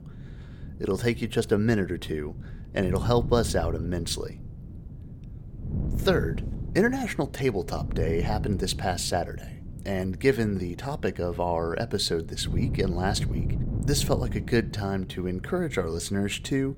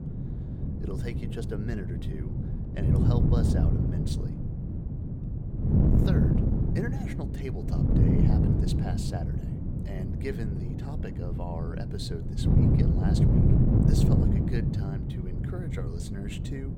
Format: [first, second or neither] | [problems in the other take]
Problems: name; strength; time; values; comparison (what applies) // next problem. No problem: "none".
first | wind noise on the microphone; heavy; 5 dB above the speech; occasional gusts in the first